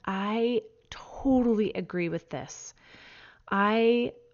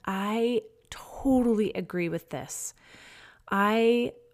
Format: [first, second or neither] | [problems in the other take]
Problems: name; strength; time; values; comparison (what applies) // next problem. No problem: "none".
second | garbled, watery; slightly; nothing above 6.5 kHz